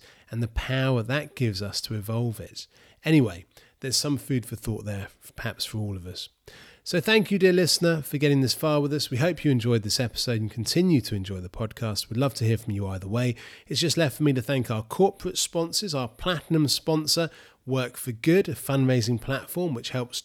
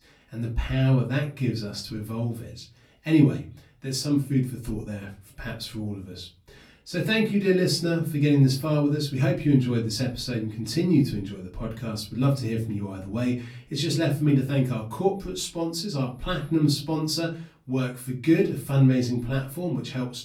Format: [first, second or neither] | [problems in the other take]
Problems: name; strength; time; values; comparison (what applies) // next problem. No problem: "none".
first | off-mic speech; far // room echo; very slight; dies away in 0.4 s